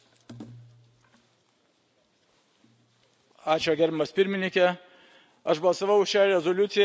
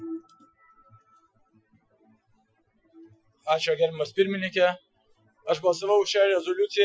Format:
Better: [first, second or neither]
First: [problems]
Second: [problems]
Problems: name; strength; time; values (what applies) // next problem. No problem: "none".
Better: first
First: none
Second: noise reduction (classical method Wiener filter)